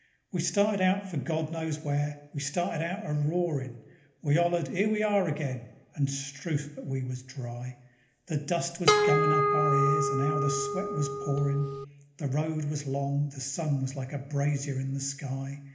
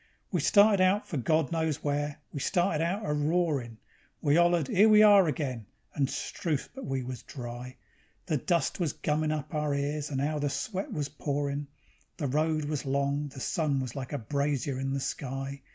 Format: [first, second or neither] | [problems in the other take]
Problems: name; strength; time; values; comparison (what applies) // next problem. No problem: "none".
second | background sound (Harp); 3 dB above the speech // room echo; dies away in 0.8 s